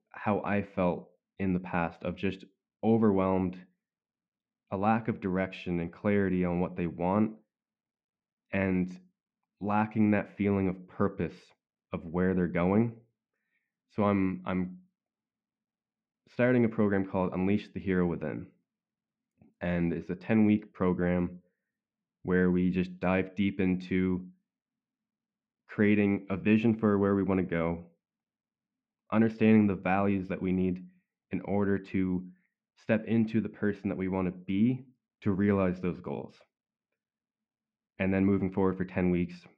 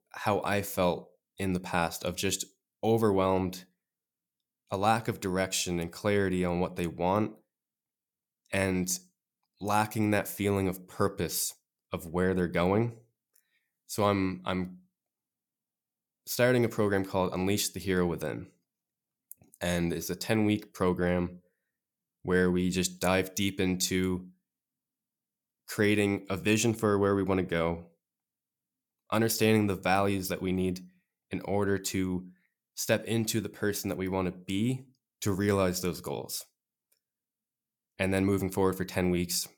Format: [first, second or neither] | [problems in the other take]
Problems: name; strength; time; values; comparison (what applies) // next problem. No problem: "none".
second | muffled; very; fading above 2.5 kHz